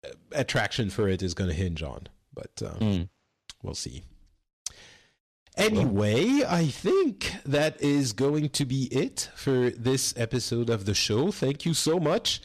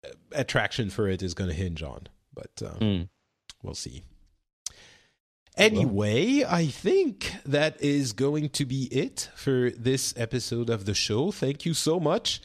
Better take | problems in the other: second | distortion; slight; 6% of the sound clipped

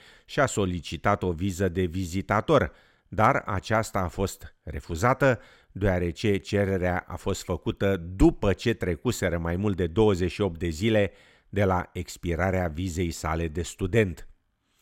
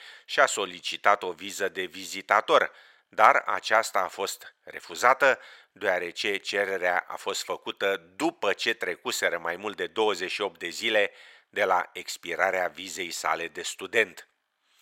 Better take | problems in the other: first | thin; very; fading below 700 Hz

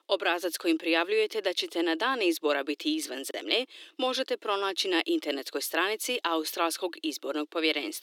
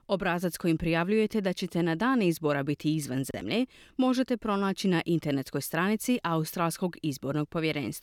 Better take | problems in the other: second | thin; somewhat; fading below 300 Hz

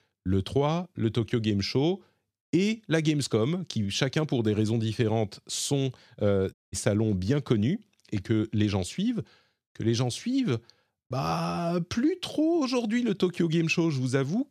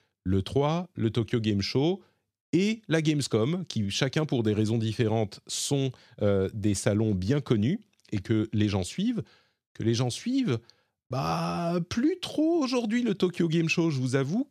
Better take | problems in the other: second | audio cutting out; at 6.5 s

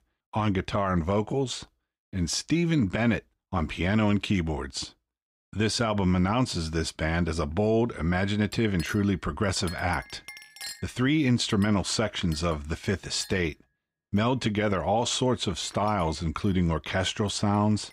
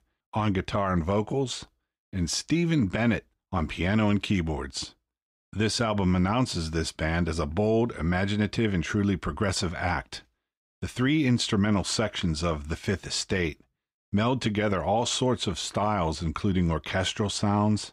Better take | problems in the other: second | household noises; noticeable; from 8.5 s on; 15 dB below the speech

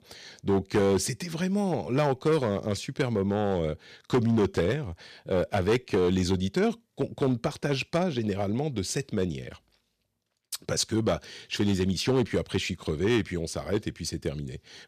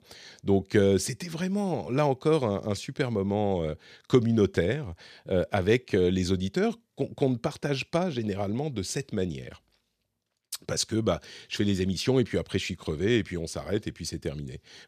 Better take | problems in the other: second | distortion; slight; 4% of the sound clipped

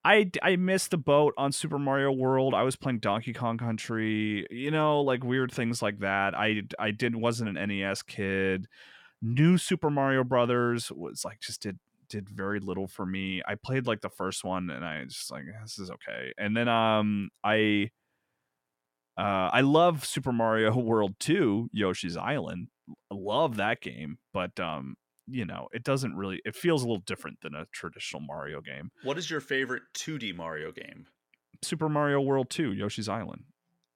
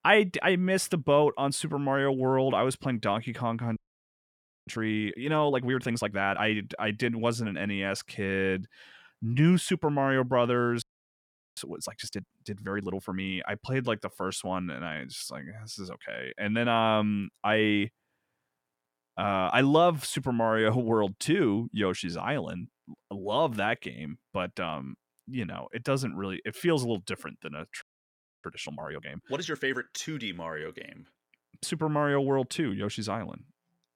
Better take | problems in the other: first | audio freezing; at 4 s for 1 s, at 11 s for 1 s and at 28 s for 0.5 s

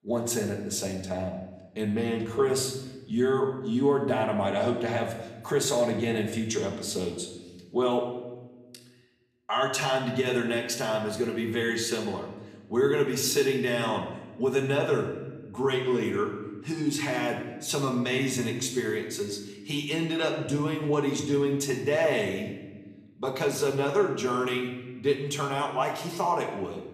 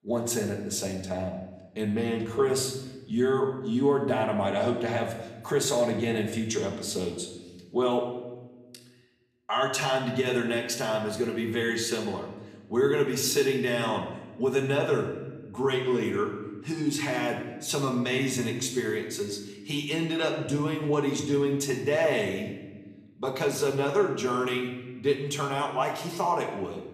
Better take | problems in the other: neither | room echo; slight; dies away in 1.1 s; the same in both // off-mic speech; somewhat distant; the same in both

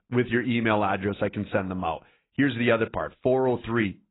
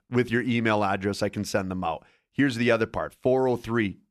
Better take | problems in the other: second | garbled, watery; badly; nothing above 4 kHz

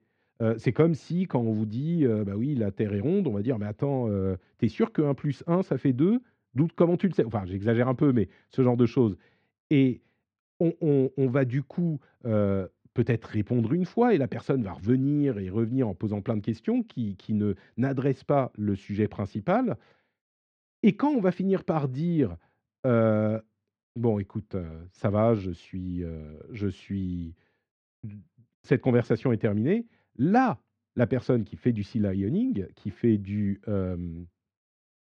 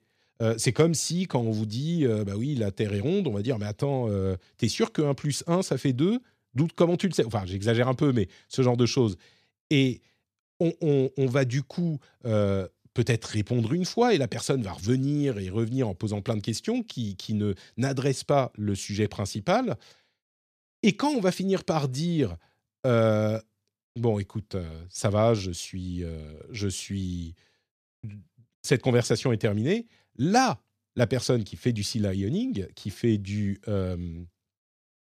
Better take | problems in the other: second | muffled; very; fading above 2 kHz

